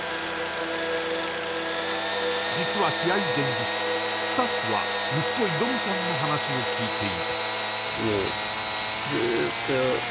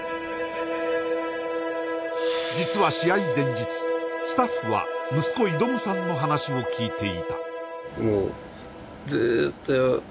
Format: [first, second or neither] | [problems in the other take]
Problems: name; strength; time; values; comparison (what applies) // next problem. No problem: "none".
second | background sound (Sawing / Engine); 1 dB below the speech